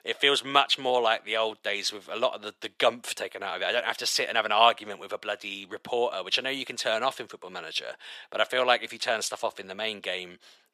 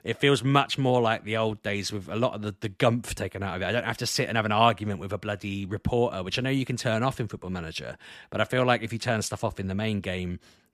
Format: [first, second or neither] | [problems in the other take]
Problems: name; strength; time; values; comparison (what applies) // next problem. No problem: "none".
second | thin; very; fading below 600 Hz